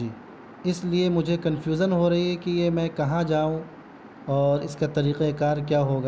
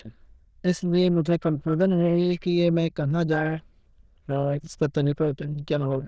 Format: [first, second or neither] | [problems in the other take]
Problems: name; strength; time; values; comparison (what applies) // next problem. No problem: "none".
first | noise reduction (neural diffusion model UNIVERSE++)